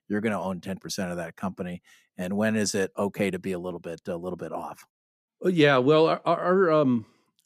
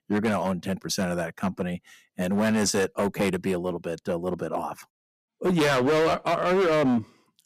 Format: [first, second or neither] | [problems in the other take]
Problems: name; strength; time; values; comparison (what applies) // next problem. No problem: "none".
first | distortion; heavy; 13% of the sound clipped